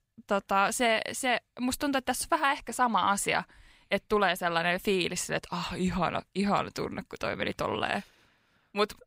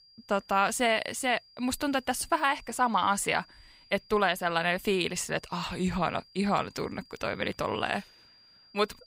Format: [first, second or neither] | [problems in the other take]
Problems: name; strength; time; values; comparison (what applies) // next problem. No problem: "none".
first | high-pitched whine; faint; throughout; 5 kHz, 25 dB below the speech